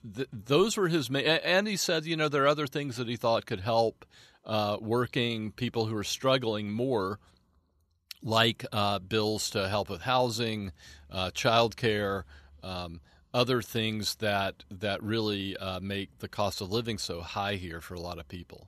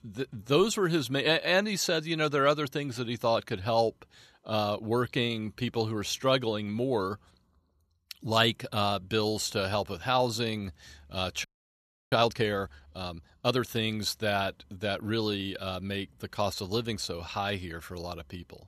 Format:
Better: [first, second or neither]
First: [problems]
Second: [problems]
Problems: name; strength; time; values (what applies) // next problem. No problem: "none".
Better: first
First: none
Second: audio freezing; at 11 s for 0.5 s